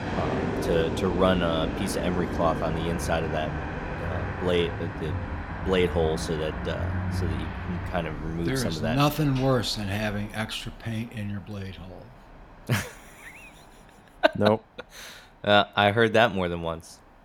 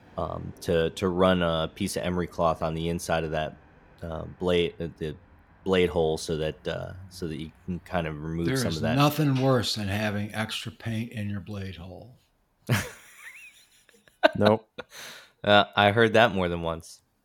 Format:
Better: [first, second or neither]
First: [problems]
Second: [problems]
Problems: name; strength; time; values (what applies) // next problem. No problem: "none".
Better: second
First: train or aircraft noise; loud; throughout; 6 dB below the speech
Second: train or aircraft noise; faint; throughout; 30 dB below the speech